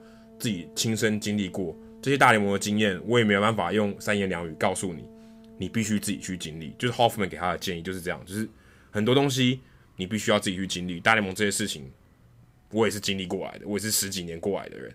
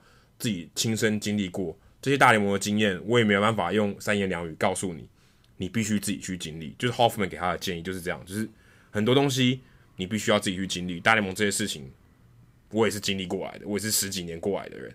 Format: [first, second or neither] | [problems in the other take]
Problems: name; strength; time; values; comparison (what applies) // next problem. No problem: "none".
second | background music; faint; throughout; 25 dB below the speech